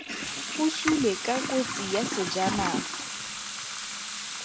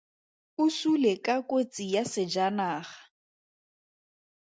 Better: second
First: background sound (Toilet flush / Water tap, faucet); 2 dB below the speech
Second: none

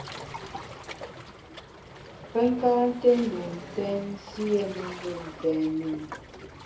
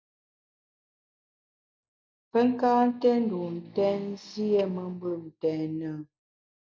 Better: second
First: background sound (Waves, surf); 13 dB below the speech // room echo; dies away in 0.3 s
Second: none

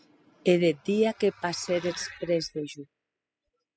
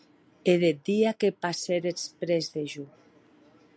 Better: second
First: noise reduction (classical method spectral subtraction)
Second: none

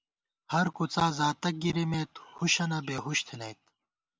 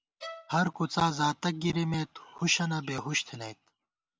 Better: first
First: none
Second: background sound (Bowed string instrument); 18 dB below the speech

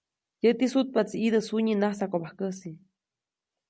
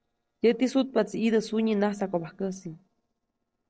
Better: first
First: none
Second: noise reduction (neural separator model SepFormer DNS4)

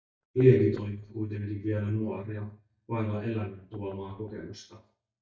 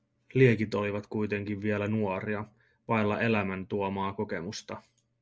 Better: second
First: noise reduction (neural mask model DeepFilterNet 3)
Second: none

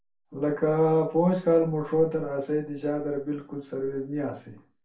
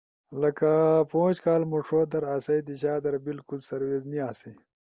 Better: second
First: room echo; dies away in 0.3 s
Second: none

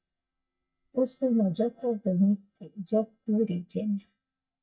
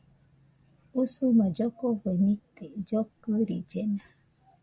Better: second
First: noise reduction (neural mask model DeepFilterNet 3)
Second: none

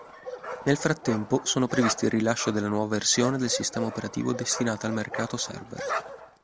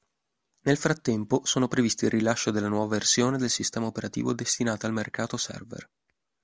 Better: second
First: background sound (Bark); 9 dB below the speech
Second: none

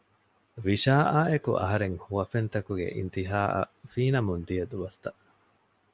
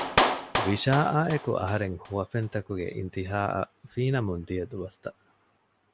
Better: first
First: none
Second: background sound (Clapping); 5 dB below the speech

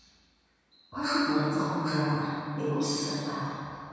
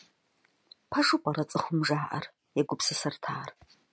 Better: second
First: room echo; dies away in 2.1 s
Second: none

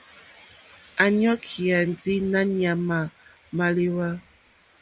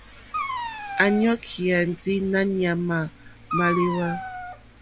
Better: first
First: none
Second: background sound (Dog); 8 dB below the speech

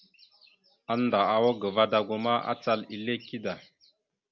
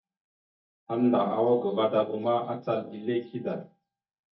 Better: first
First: none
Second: noise reduction (neural mask model DeepFilterNet 3)

